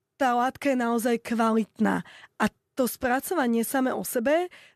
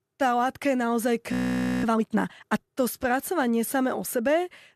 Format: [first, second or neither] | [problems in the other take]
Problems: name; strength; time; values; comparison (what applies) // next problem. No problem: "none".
first | audio freezing; at 1.5 s for 0.5 s